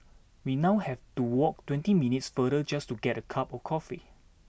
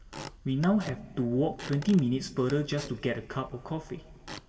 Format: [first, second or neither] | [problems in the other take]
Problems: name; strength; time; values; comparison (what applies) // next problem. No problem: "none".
first | background sound (Squeak / Wood); 16 dB below the speech // room echo; dies away in 1.6 s